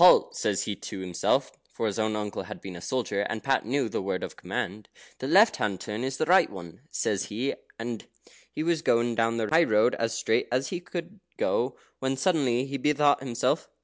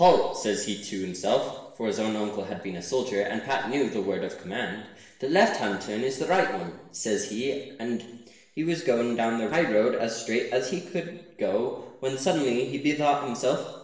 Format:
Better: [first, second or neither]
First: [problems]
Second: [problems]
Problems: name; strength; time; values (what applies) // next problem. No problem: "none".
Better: first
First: none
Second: room echo; dies away in 0.9 s